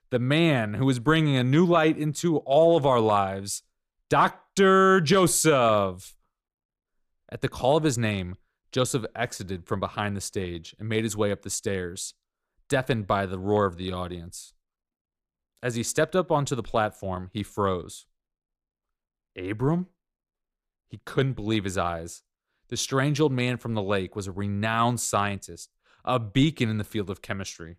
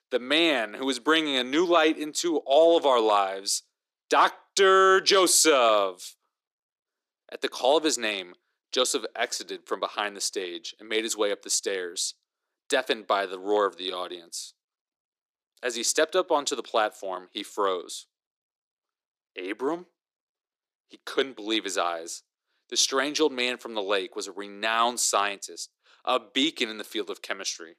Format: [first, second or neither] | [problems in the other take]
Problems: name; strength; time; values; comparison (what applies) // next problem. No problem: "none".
first | thin; somewhat; fading below 300 Hz